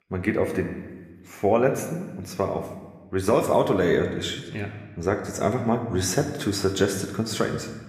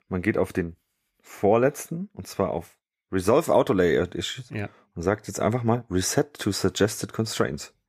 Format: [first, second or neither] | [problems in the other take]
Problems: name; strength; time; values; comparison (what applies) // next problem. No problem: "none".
second | room echo; slight; dies away in 1.1 s